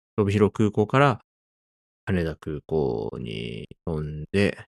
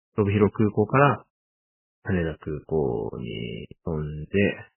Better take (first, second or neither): first